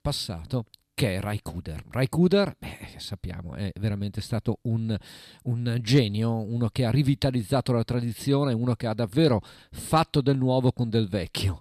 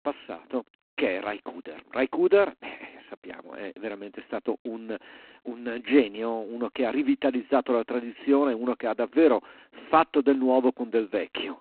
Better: first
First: none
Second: phone-call audio; poor line; nothing above 4 kHz

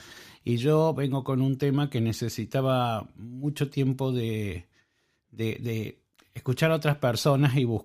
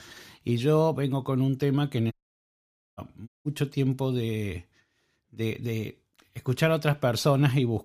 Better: first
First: none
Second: audio cutting out; at 2 s for 1 s and at 3.5 s

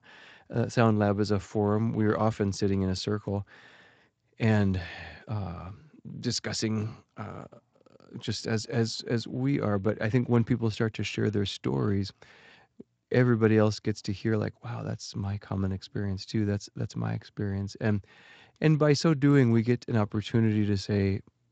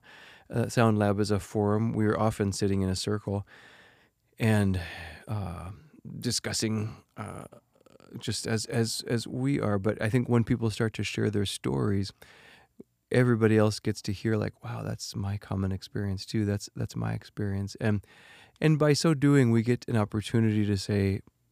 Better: second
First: garbled, watery; slightly; nothing above 7.5 kHz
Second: none

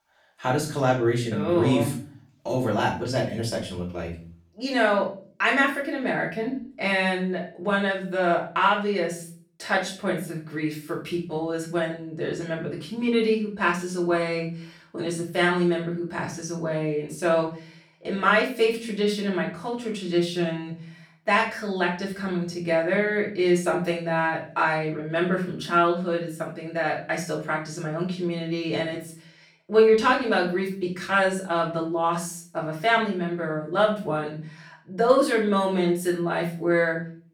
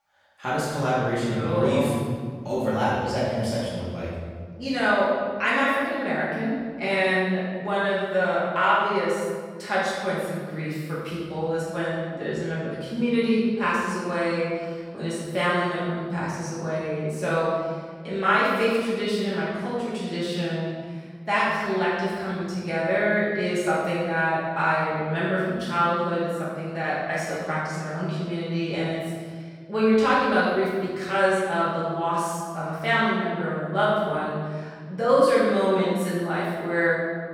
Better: first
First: room echo; slight; dies away in 0.4 s // off-mic speech; far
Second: room echo; strong; dies away in 1.6 s // off-mic speech; far

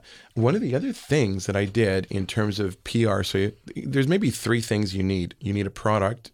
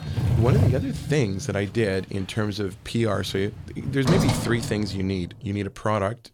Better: first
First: none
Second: household noises; loud; throughout; as loud as the speech

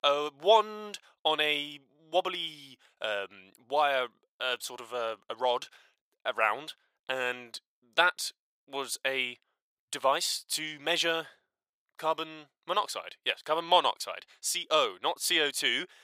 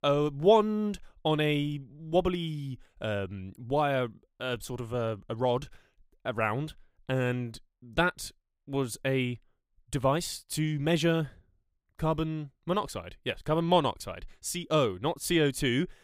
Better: second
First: thin; very; fading below 750 Hz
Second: none

